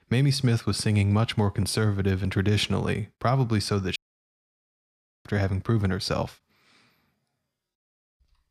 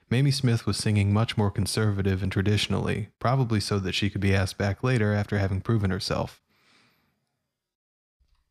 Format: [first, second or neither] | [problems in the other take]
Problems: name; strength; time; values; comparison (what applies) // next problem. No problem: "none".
second | audio cutting out; at 4 s for 1.5 s